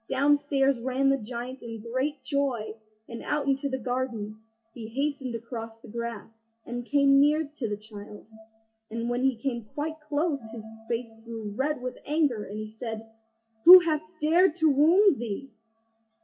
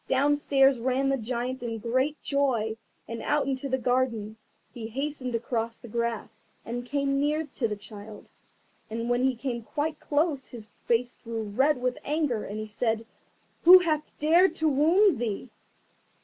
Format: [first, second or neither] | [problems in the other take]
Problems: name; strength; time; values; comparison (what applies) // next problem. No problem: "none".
second | noise reduction (classical method WPE with log-MMSE)